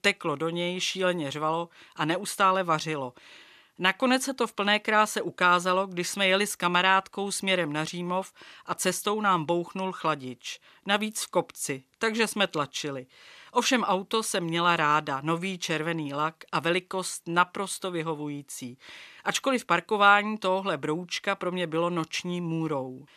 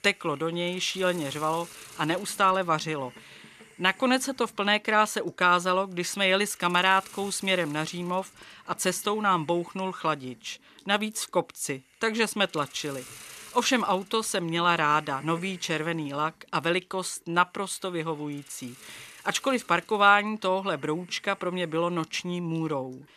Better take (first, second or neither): first